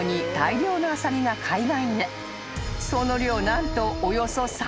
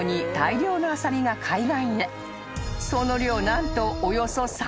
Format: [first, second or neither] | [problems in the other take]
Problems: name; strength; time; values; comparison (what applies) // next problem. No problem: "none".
second | background sound (Domestic sounds, home sounds); 17 dB below the speech